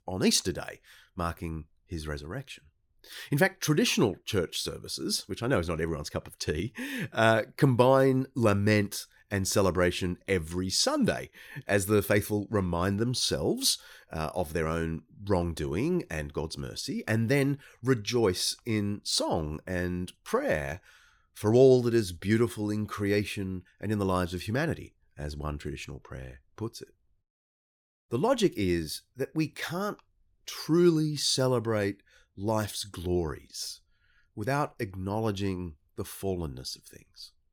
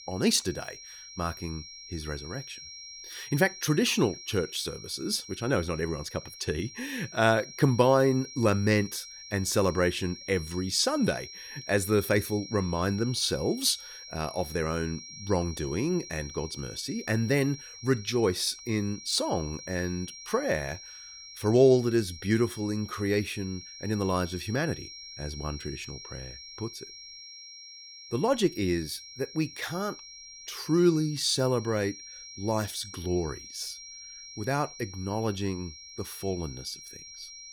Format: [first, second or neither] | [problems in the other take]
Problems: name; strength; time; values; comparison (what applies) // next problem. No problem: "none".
first | high-pitched whine; noticeable; throughout; 5.5 kHz, 15 dB below the speech